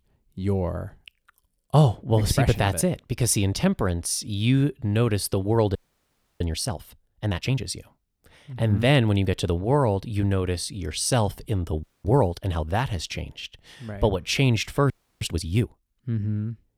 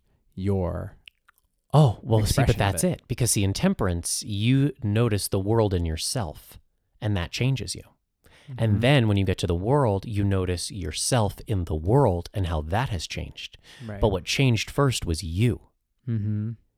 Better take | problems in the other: second | audio freezing; at 6 s for 0.5 s, at 12 s and at 15 s

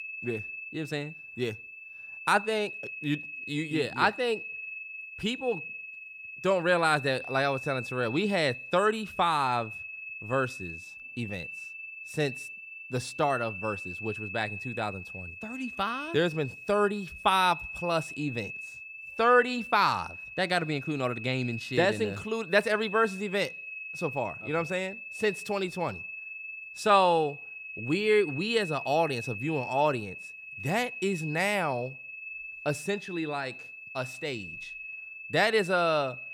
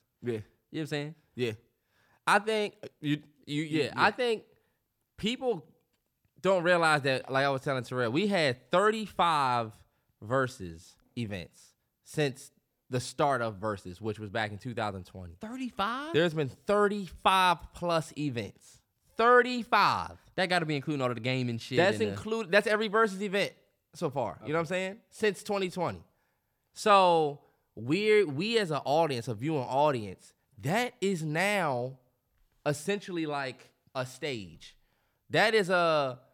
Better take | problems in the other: second | high-pitched whine; loud; throughout; 2.5 kHz, 10 dB below the speech

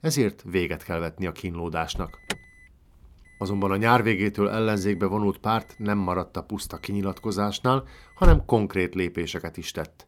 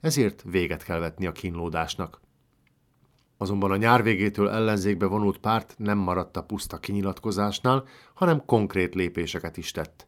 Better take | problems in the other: second | alarm; loud; from 2.5 to 8.5 s; peak 2 dB above the speech

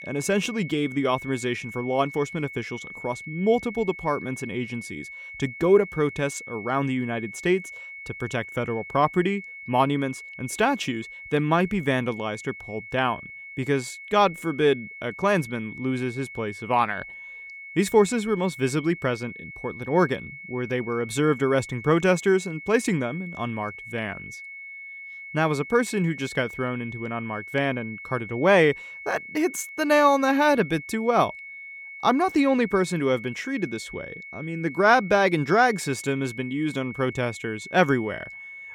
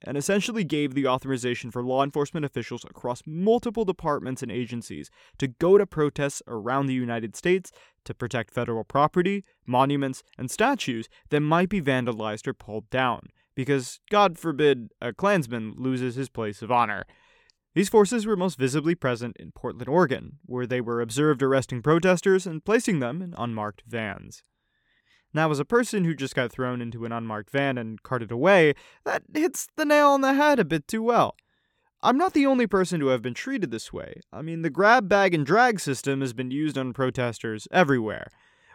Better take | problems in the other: second | high-pitched whine; noticeable; throughout; 2 kHz, 15 dB below the speech

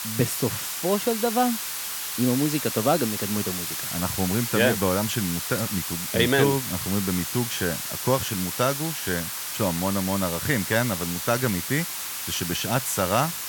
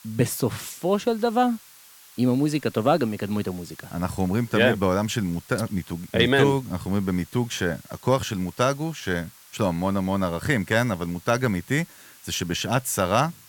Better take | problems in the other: second | hiss; loud; throughout; 3 dB below the speech; faint in the second

